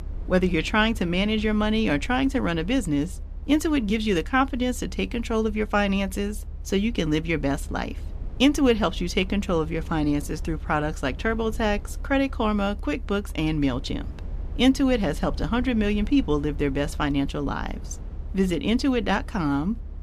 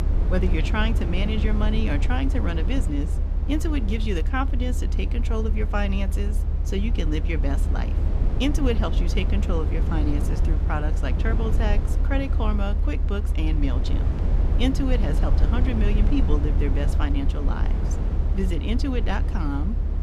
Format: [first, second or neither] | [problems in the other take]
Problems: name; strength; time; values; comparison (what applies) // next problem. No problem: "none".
first | low rumble; loud; throughout; 7 dB below the speech; faint in the first